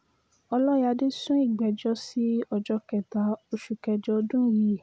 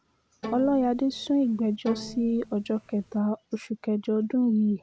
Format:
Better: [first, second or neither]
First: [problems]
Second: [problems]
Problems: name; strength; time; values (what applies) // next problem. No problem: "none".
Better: first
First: none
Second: background sound (Bowed string instrument); 14 dB below the speech